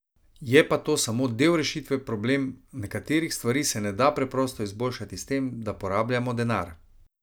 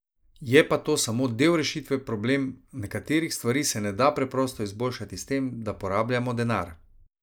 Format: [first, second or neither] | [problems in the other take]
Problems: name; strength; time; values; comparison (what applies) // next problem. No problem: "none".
first | noise reduction (neural mask model Resemble Enhance denoiser)